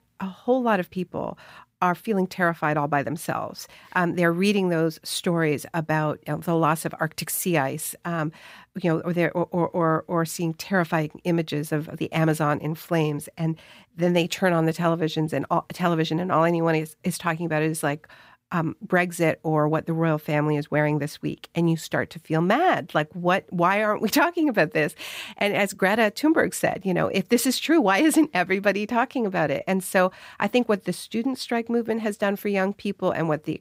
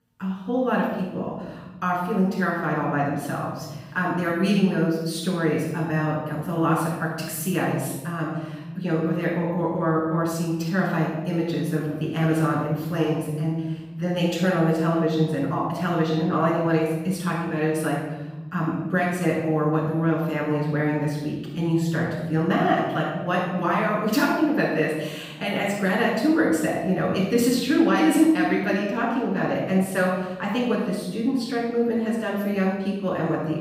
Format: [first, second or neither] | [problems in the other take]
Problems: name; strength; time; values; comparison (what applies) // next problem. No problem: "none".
first | off-mic speech; far // room echo; noticeable; dies away in 1.8 s